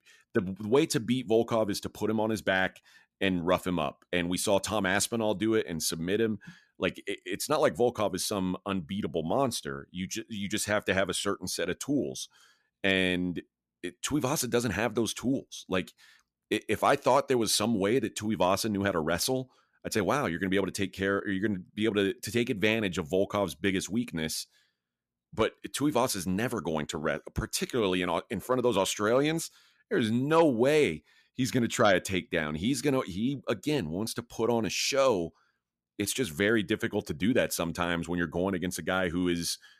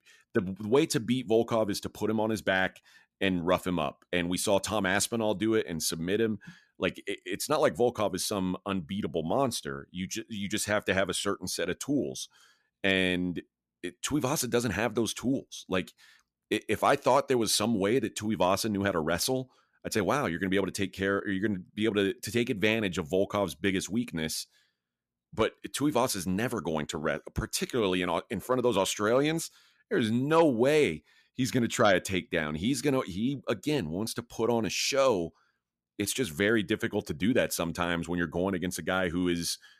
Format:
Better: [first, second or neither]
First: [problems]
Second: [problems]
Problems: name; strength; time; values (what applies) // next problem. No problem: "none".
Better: neither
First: none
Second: none